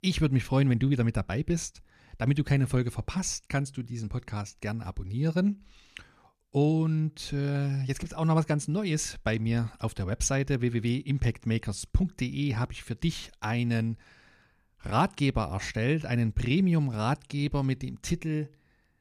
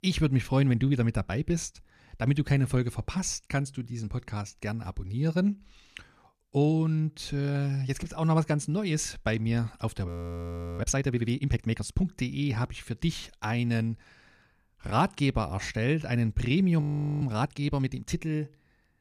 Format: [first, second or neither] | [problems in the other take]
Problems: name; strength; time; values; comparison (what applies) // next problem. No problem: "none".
first | audio freezing; at 10 s for 0.5 s and at 17 s